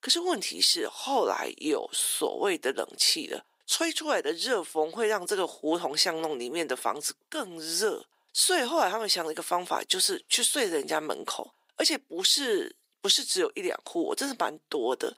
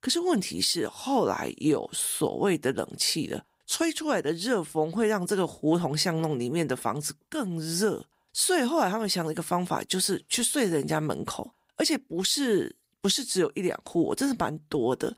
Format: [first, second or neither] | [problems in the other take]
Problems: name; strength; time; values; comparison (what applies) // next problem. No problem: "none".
second | thin; somewhat; fading below 400 Hz